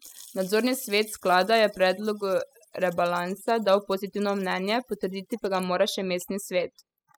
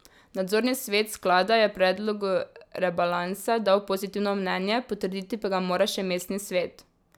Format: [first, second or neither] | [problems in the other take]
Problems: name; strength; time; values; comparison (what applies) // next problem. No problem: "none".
second | noise reduction (classical method spectral subtraction)